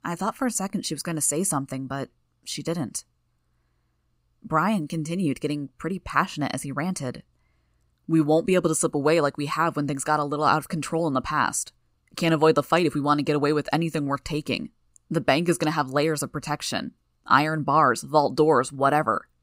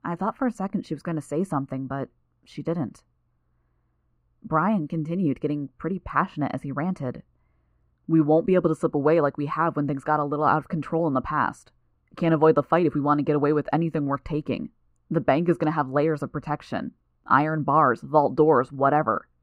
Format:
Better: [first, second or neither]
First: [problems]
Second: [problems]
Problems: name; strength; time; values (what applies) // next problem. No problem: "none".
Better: first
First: none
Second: muffled; very; fading above 3 kHz